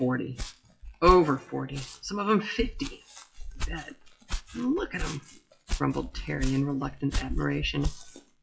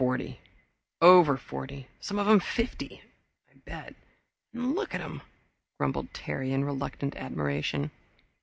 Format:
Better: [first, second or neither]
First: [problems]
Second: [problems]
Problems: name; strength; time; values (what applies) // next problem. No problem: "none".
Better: second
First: noise reduction (classical method WPE with log-MMSE)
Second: none